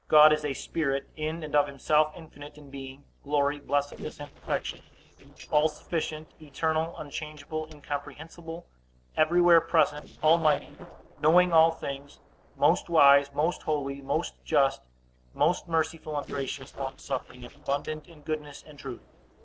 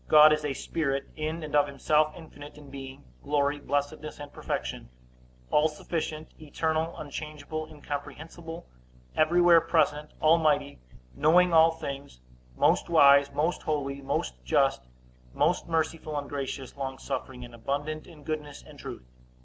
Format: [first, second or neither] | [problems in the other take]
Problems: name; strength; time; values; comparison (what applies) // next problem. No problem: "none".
second | noise reduction (neural separator model SepFormer DNS4)